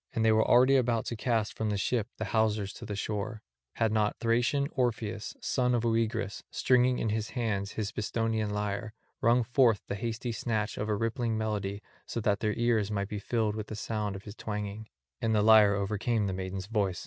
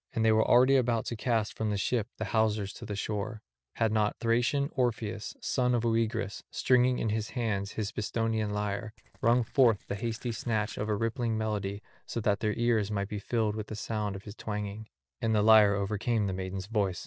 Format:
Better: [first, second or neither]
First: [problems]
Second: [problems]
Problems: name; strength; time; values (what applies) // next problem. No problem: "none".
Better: first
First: none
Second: noise reduction (neural separator model SepFormer DNS4)